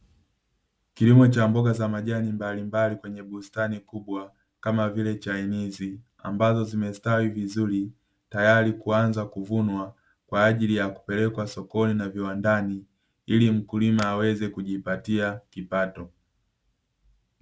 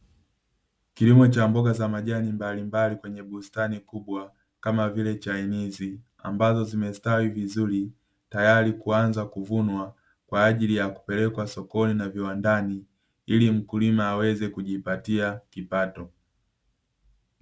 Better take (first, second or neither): second